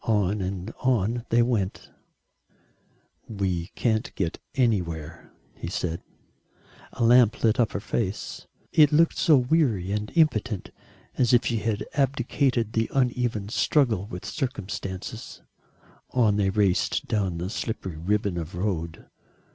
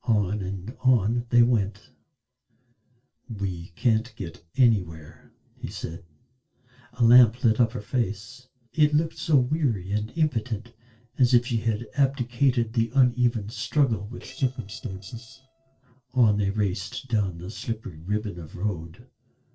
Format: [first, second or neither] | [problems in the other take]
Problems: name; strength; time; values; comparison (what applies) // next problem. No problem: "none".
first | noise reduction (neural separator model SepFormer DNS4)